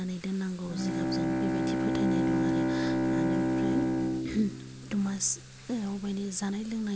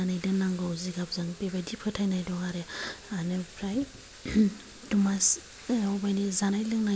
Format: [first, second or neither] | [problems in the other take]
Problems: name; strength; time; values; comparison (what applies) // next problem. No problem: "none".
second | background sound (Bowed string instrument); 3 dB above the speech